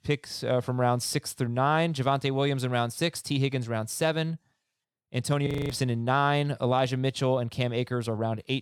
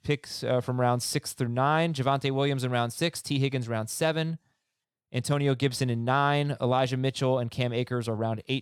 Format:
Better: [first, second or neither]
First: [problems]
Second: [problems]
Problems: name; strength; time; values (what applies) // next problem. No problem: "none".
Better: second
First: audio freezing; at 5.5 s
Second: none